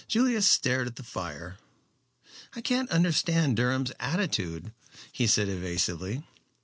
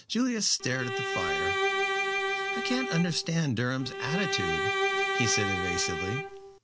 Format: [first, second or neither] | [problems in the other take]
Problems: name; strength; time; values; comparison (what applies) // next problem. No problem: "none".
first | background sound (Bowed string instrument); 1 dB above the speech